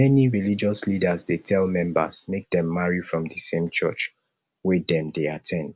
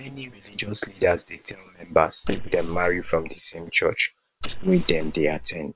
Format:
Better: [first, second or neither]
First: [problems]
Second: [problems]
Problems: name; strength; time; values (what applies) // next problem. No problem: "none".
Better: first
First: none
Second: noise reduction (neural separator model SepFormer WHAM!)